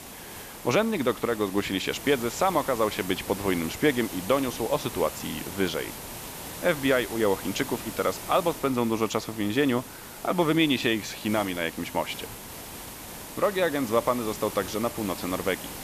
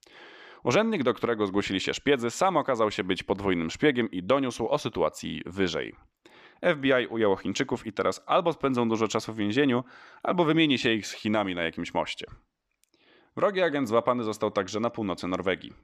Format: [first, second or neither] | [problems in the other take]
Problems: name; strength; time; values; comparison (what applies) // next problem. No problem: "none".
second | hiss; noticeable; throughout; 10 dB below the speech